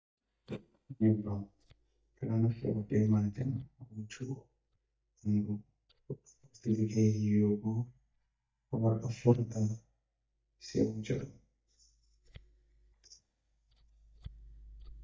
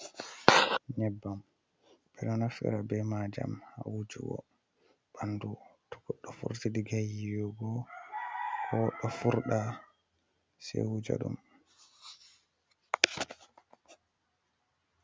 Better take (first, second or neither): second